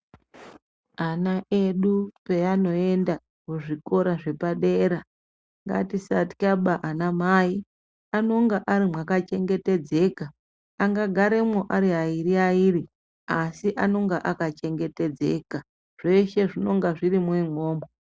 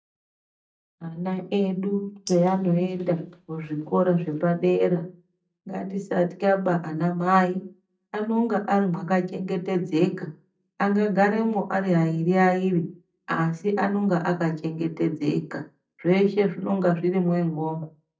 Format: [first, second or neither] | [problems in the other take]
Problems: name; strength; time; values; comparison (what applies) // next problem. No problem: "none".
first | noise reduction (neural mask model DeepFilterNet 3)